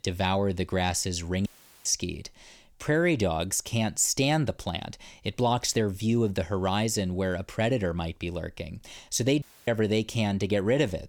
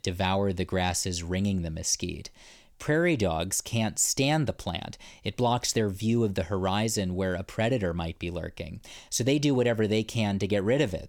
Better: second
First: audio cutting out; at 1.5 s and at 9.5 s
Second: none

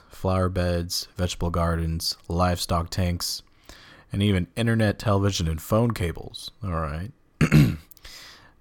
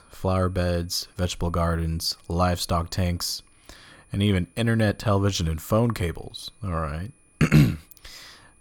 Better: first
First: none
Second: high-pitched whine; faint; throughout; 9.5 kHz, 35 dB below the speech

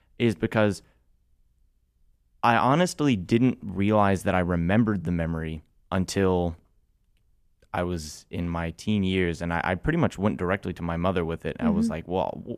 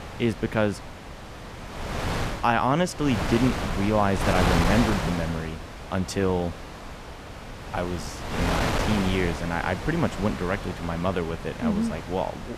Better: first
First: none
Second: wind noise on the microphone; heavy; 4 dB below the speech

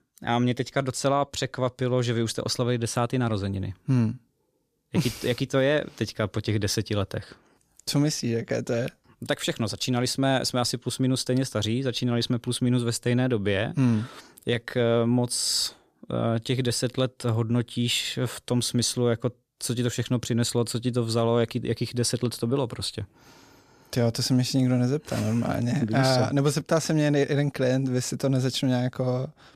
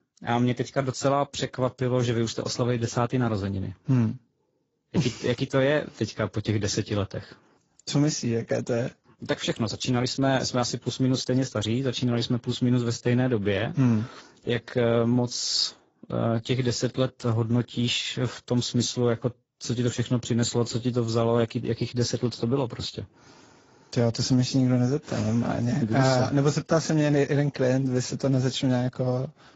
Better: first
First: none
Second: garbled, watery; badly; nothing above 7.5 kHz

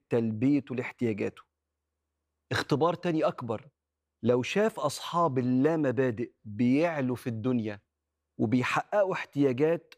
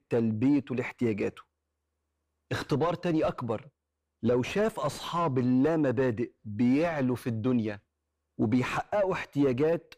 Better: first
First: none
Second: distortion; slight; 10 dB below the speech

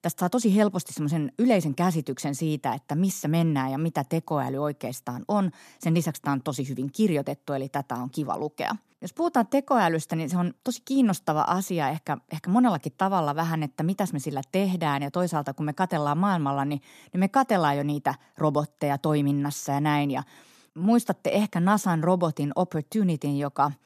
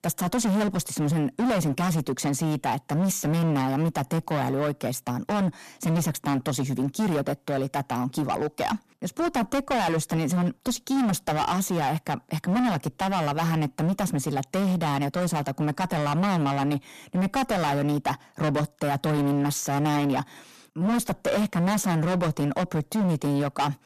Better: first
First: none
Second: distortion; heavy; 24% of the sound clipped

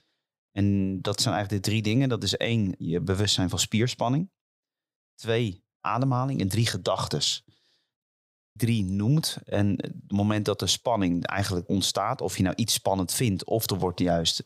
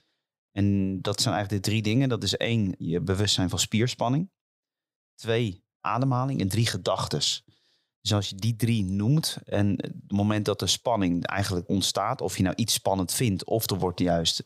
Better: second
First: audio cutting out; at 8 s for 0.5 s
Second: none

